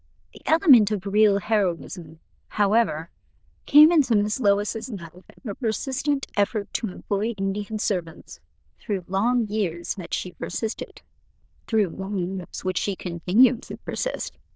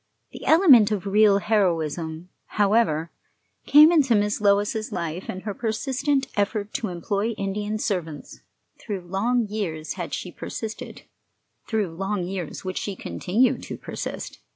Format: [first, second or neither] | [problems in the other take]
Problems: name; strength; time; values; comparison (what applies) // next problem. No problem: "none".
second | noise reduction (neural diffusion model UNIVERSE++)